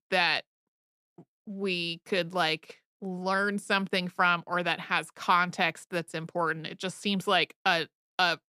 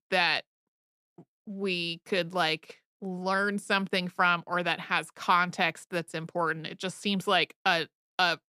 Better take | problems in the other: neither | none

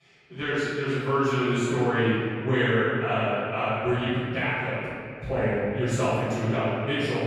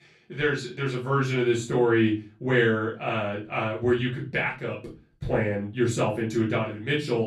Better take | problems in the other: second | room echo; strong; dies away in 2.4 s; slight in the second // off-mic speech; far; far in the second

